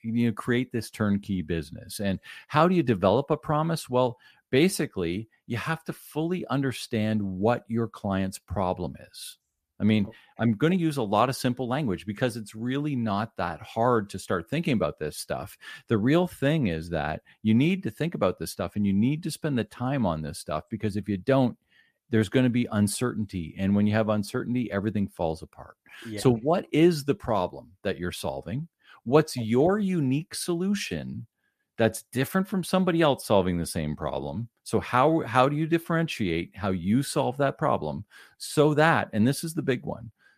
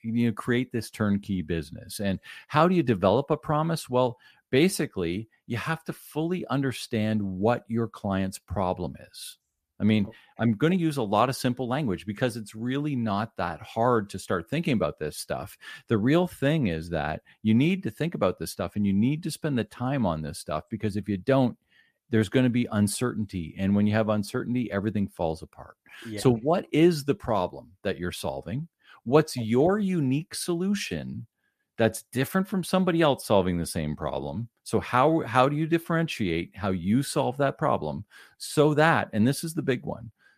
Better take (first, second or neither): neither